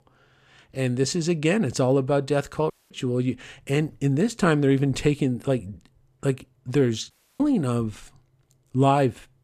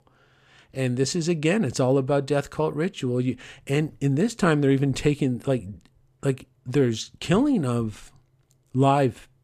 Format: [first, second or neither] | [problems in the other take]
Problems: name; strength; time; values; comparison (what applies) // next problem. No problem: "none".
second | audio cutting out; at 2.5 s and at 7 s